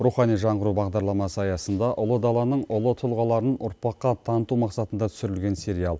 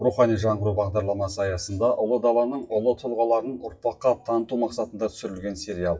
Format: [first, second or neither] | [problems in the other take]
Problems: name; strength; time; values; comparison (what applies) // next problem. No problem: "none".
first | noise reduction (classical method WPE with log-MMSE)